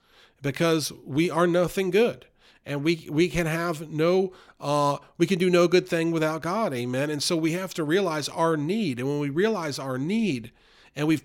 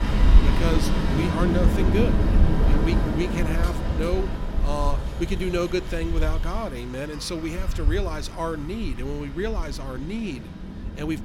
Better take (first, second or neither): first